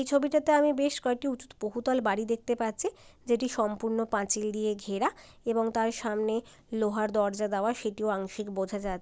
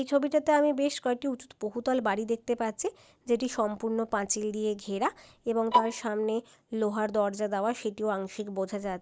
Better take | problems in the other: first | noise reduction (neural mask model DeepFilterNet 3)

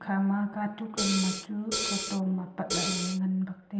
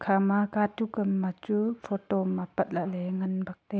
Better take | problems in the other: second | background sound (Hi-hat); 1 dB below the speech // room echo; dies away in 1.2 s

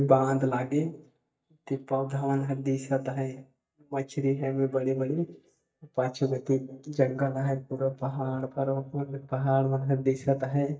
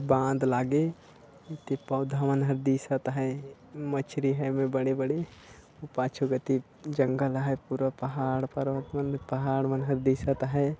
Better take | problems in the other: second | noise reduction (neural mask model DeepFilterNet 3)

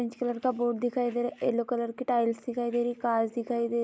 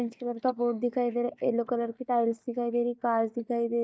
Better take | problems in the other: first | noise reduction (neural mask model DeepFilterNet 3)

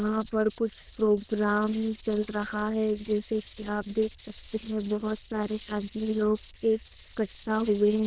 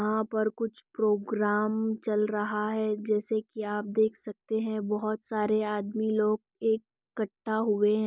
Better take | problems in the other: second | noise reduction (neural diffusion model UNIVERSE++)

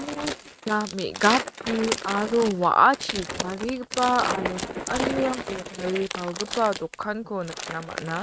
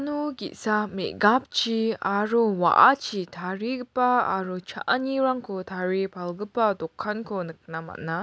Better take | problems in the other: second | noise reduction (neural mask model RNNoise)

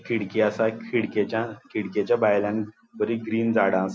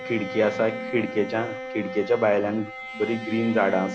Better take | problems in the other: first | background sound (Bowed string instrument); 10 dB below the speech

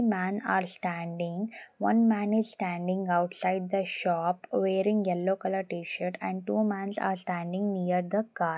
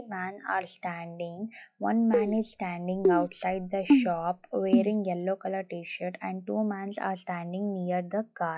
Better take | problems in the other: first | noise reduction (classical method log-MMSE)

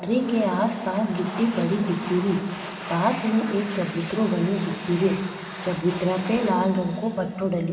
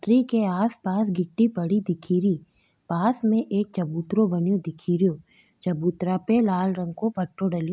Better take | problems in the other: second | background sound (Domestic sounds, home sounds); 13 dB below the speech // room echo; dies away in 2.2 s

